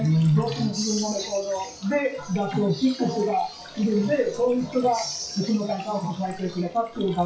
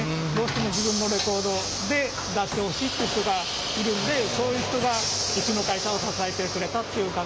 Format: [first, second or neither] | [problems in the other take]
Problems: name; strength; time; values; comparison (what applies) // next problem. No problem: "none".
second | noise reduction (classical method WPE with log-MMSE)